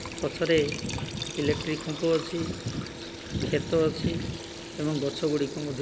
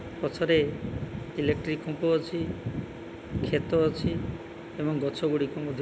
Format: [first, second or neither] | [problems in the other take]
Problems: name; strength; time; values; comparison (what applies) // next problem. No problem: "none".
second | background sound (Liquid); 13 dB below the speech